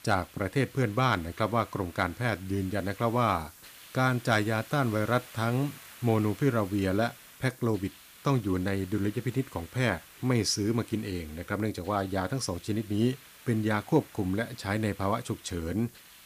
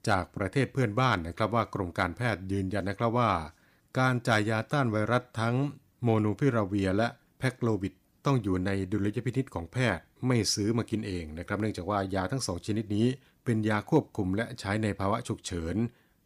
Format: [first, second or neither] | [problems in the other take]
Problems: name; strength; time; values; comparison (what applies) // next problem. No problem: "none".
second | hiss; noticeable; throughout; 20 dB below the speech